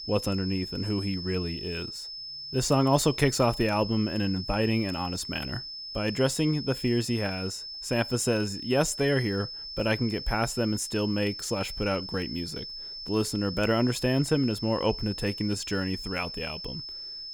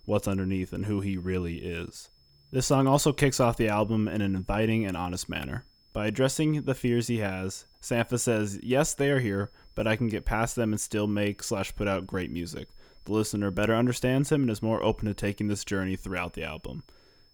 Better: second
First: high-pitched whine; loud; throughout; 5 kHz, 8 dB below the speech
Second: high-pitched whine; faint; throughout; 5 kHz, 35 dB below the speech

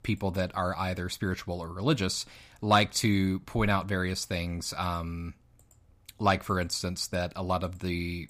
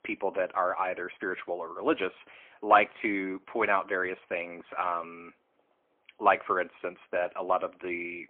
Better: first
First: none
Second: phone-call audio; poor line

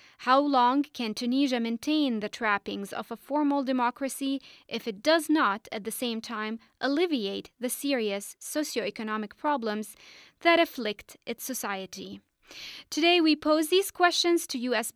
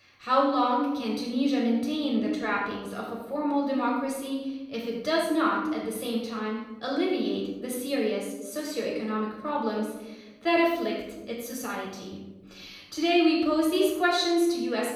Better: first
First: none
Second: off-mic speech; far // room echo; noticeable; dies away in 1.3 s

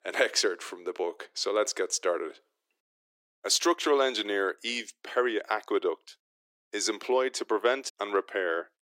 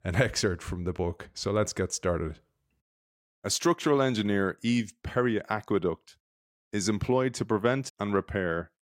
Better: second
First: thin; very; fading below 350 Hz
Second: none

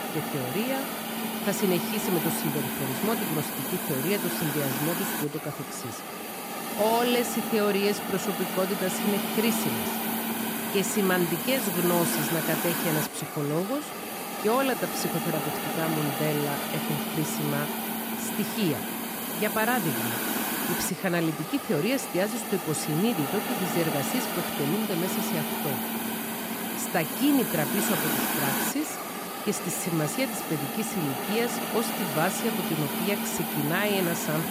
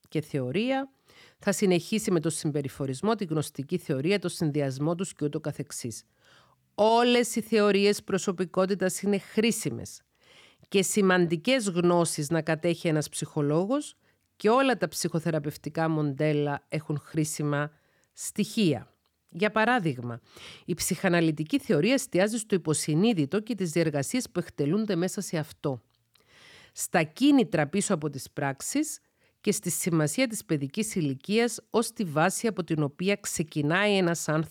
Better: second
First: hiss; loud; throughout; as loud as the speech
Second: none

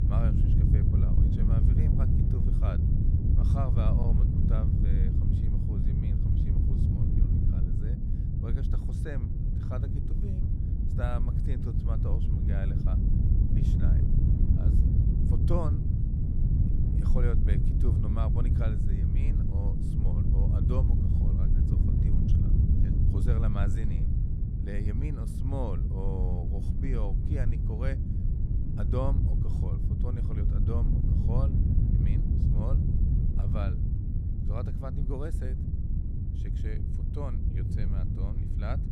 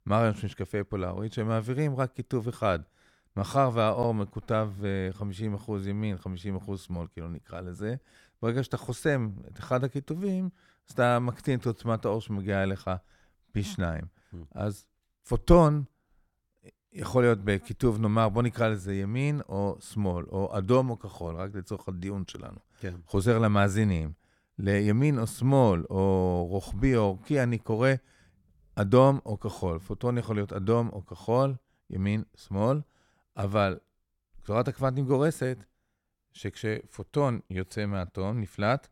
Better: second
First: wind noise on the microphone; heavy; 1 dB above the speech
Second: none

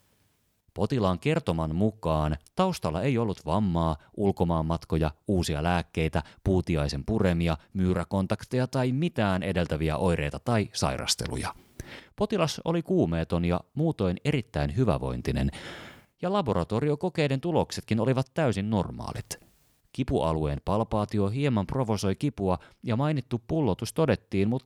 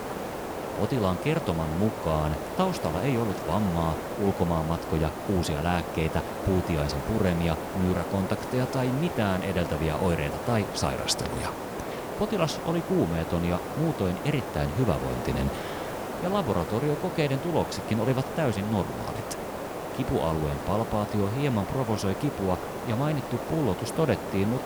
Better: first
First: none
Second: hiss; loud; throughout; 6 dB below the speech

